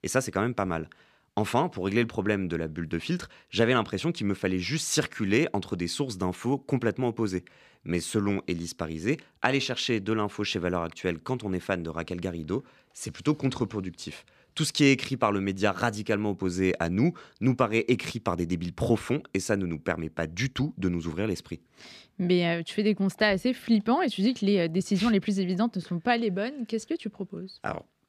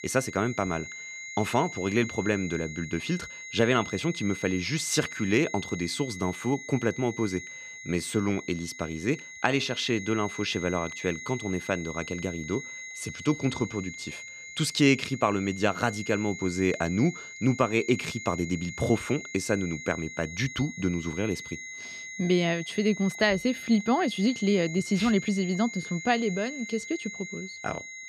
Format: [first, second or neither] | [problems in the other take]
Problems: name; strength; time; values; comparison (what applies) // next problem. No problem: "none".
first | high-pitched whine; noticeable; throughout; 2 kHz, 10 dB below the speech